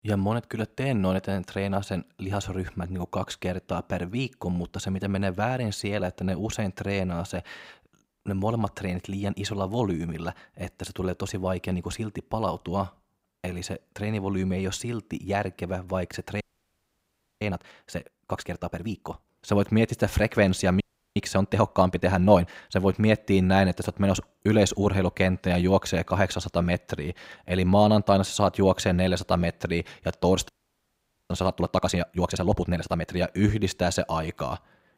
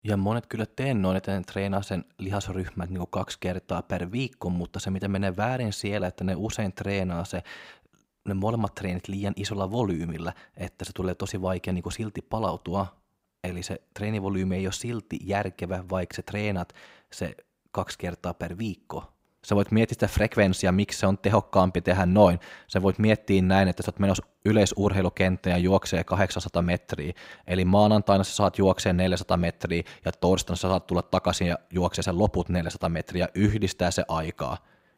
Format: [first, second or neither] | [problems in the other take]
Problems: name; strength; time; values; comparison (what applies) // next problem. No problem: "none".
second | audio freezing; at 16 s for 1 s, at 21 s and at 30 s for 1 s